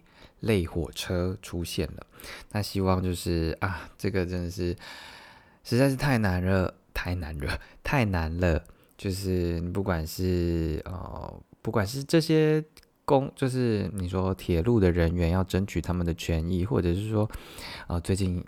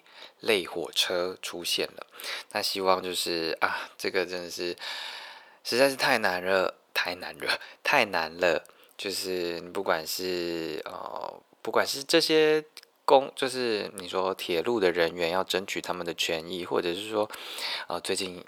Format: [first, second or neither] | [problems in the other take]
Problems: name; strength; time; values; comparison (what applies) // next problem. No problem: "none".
first | thin; very; fading below 550 Hz